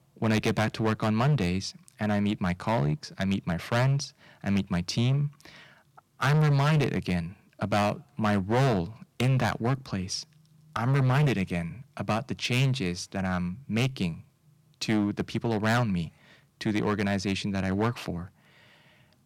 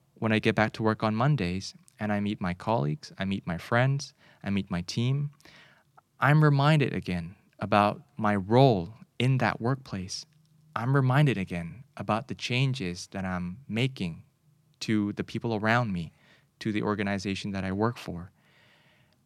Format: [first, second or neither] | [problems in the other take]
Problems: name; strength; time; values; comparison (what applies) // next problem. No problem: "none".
second | distortion; heavy; 8% of the sound clipped